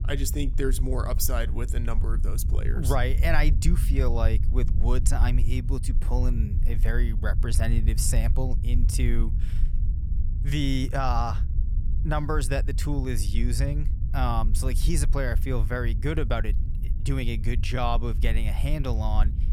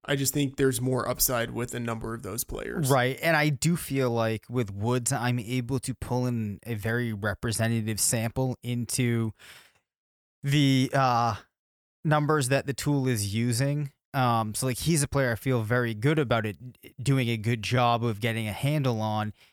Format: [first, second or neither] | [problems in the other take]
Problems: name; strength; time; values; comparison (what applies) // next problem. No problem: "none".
second | low rumble; noticeable; throughout; 15 dB below the speech